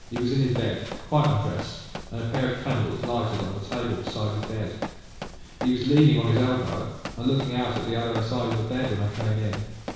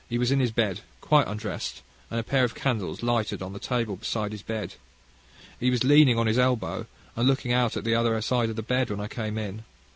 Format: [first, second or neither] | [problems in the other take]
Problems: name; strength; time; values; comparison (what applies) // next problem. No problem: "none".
second | background sound (Run); 12 dB below the speech // room echo; dies away in 1.1 s